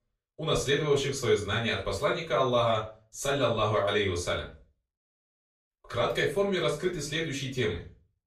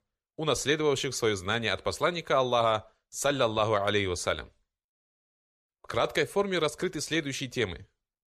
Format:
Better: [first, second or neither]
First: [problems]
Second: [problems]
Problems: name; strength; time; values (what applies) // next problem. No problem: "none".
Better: second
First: off-mic speech; far // room echo; slight; dies away in 0.3 s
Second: none